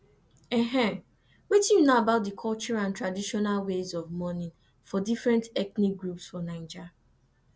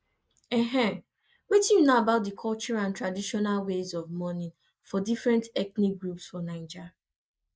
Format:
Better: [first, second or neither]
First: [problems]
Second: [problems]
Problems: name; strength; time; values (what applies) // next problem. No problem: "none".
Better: first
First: none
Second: noise reduction (neural mask model Resemble Enhance denoiser)